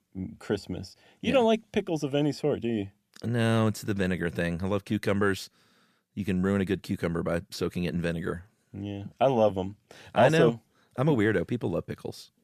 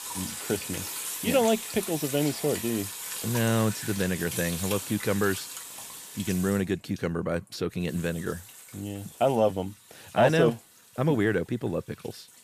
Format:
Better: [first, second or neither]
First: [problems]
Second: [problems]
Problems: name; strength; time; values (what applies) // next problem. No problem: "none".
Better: first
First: none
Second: household noises; loud; throughout; 7 dB below the speech